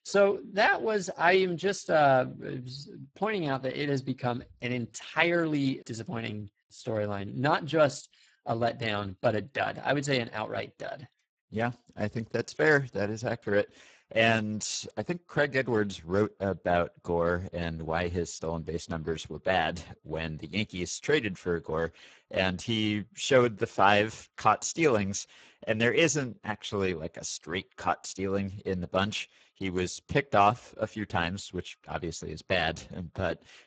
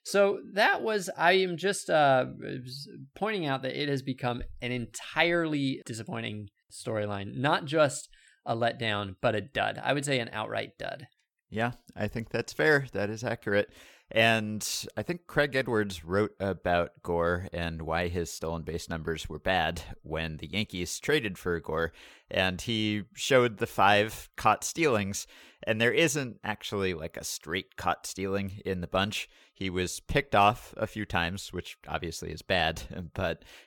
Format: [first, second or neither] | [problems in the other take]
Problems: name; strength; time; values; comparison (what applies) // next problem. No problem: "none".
second | garbled, watery; badly; nothing above 7.5 kHz